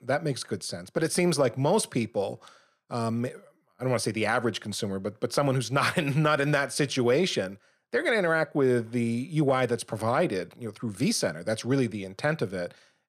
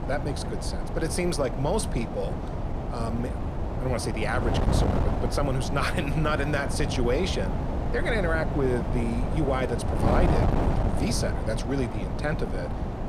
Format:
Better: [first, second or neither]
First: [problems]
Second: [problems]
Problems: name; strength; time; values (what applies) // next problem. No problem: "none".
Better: first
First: none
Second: wind noise on the microphone; heavy; 3 dB below the speech